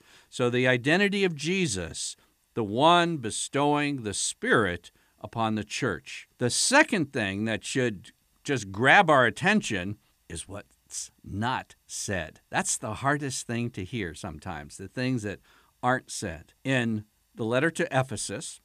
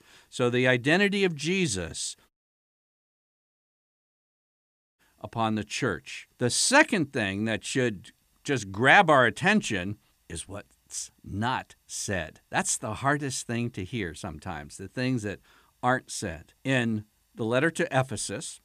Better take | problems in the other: first | audio cutting out; at 2.5 s for 2.5 s

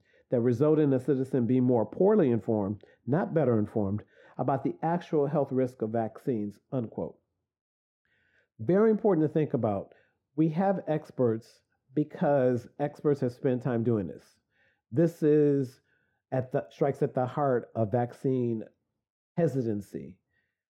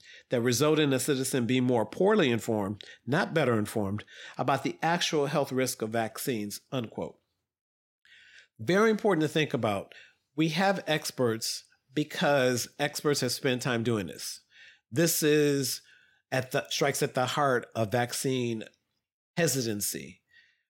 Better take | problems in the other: second | muffled; very; fading above 1.5 kHz

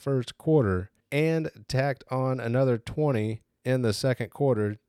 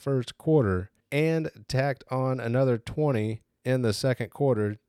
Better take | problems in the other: neither | none

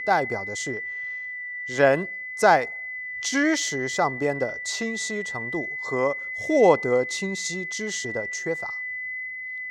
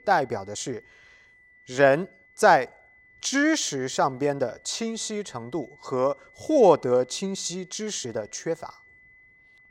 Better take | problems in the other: second | high-pitched whine; loud; throughout; 2 kHz, 6 dB below the speech; faint in the second

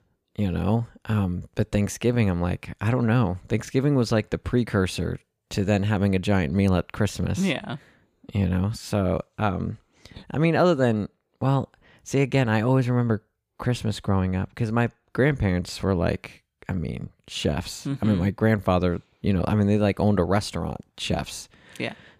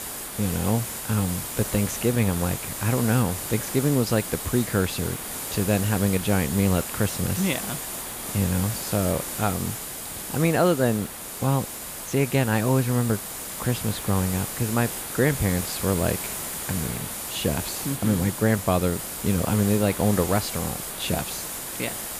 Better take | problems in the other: first | hiss; loud; throughout; 5 dB below the speech

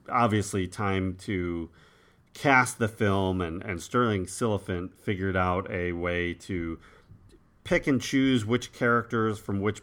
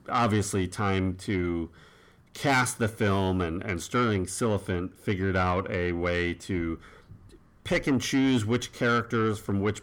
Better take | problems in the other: first | distortion; slight; 10 dB below the speech

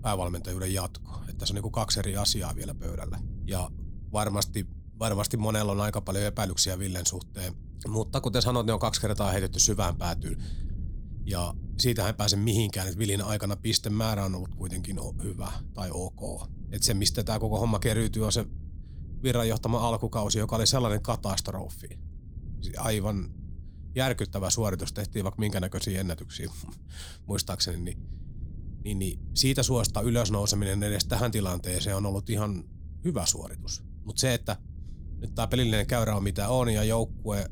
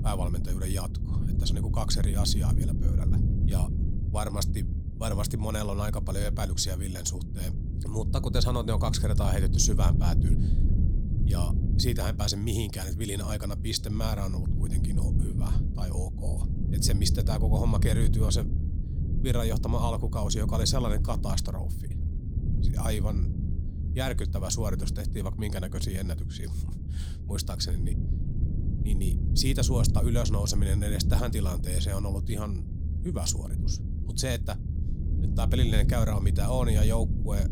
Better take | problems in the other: first | low rumble; loud; throughout; 9 dB below the speech; faint in the first

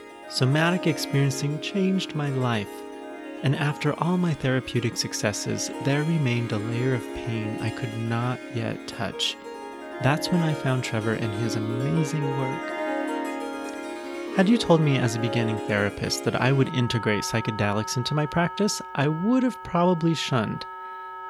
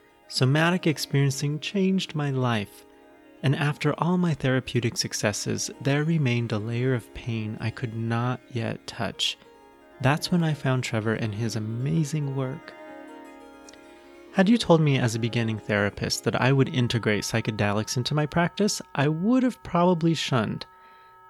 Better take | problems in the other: second | background music; loud; throughout; 9 dB below the speech; faint in the second

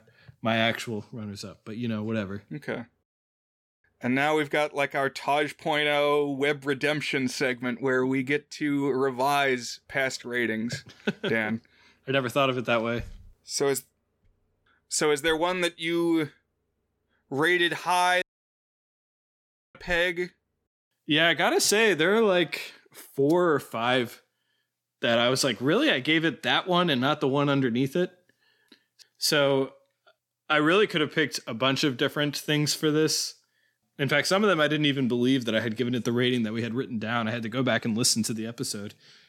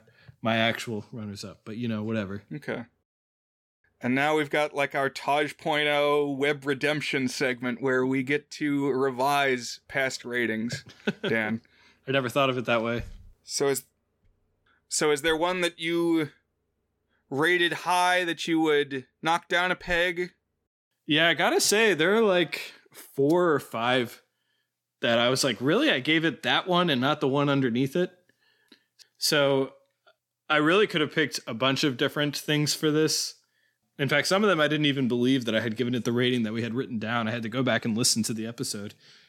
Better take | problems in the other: second | audio cutting out; at 18 s for 1.5 s

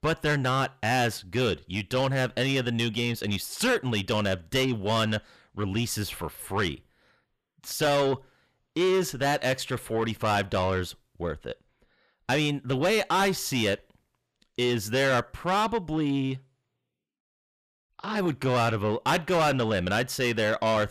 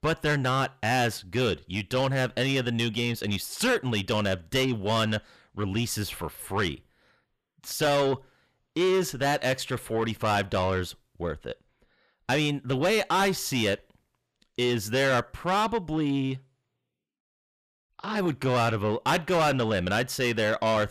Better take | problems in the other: neither | distortion; heavy; 8 dB below the speech; the same in both

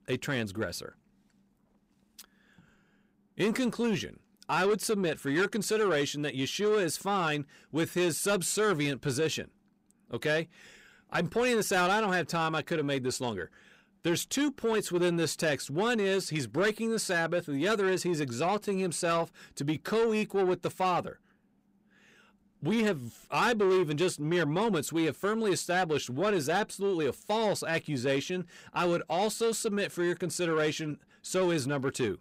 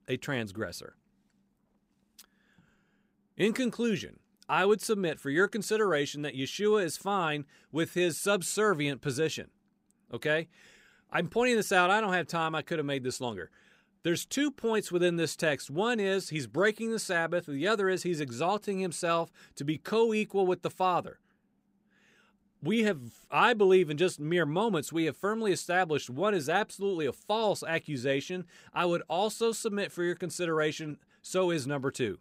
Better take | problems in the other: second | distortion; slight; 10 dB below the speech

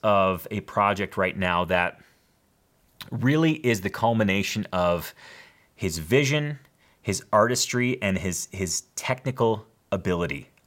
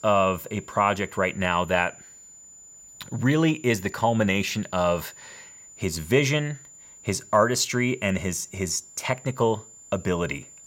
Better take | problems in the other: first | high-pitched whine; faint; throughout; 7 kHz, 20 dB below the speech

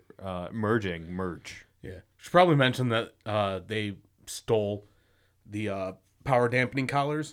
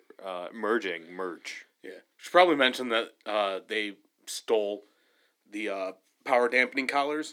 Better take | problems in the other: first | thin; somewhat; fading below 250 Hz

